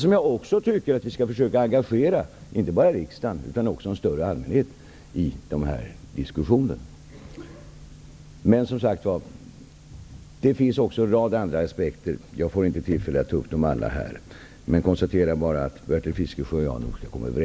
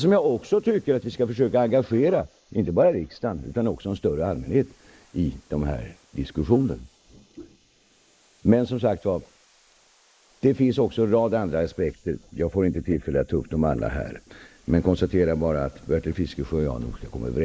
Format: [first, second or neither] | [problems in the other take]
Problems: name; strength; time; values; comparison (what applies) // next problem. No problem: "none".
first | noise reduction (neural mask model Resemble Enhance denoiser)